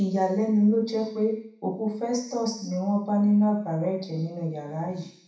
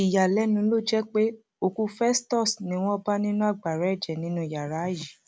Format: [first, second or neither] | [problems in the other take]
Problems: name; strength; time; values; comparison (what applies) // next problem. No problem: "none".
second | room echo; dies away in 0.7 s